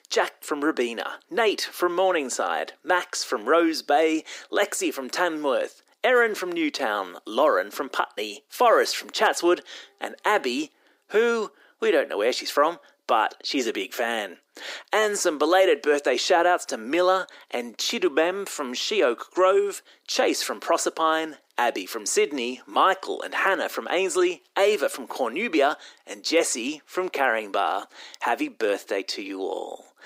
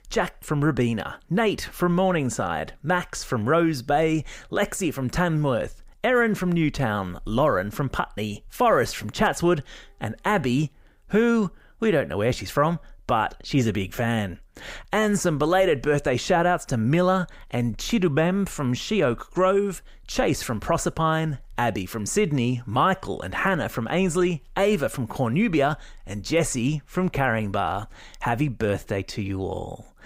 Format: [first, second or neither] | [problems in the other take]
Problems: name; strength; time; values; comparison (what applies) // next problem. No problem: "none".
second | thin; somewhat; fading below 300 Hz